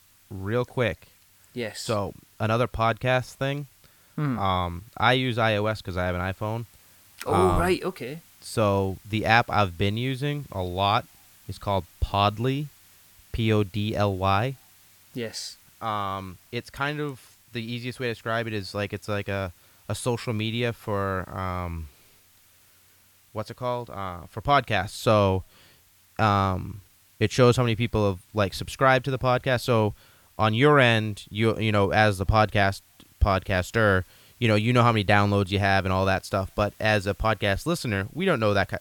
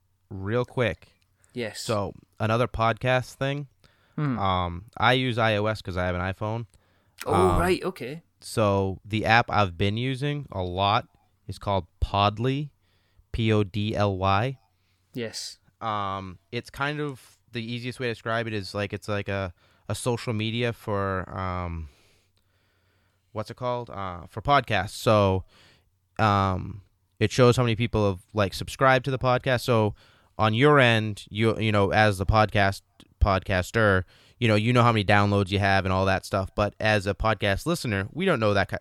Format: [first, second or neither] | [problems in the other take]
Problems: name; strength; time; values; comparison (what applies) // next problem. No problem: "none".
second | hiss; faint; throughout; 30 dB below the speech